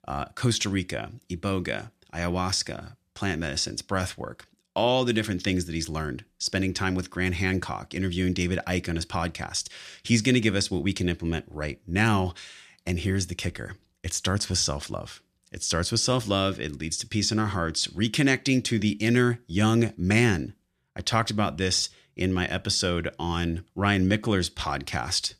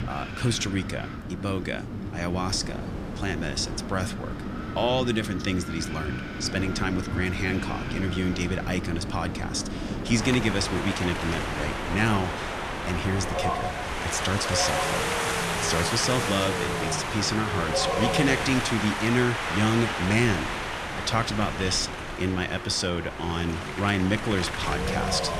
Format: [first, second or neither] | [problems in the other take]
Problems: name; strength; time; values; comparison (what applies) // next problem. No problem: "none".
first | wind in the background; loud; throughout; 3 dB below the speech